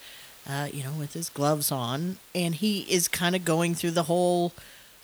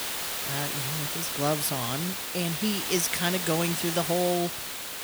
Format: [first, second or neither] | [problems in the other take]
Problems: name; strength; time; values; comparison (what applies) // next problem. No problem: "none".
first | hiss; loud; throughout; 1 dB below the speech; faint in the first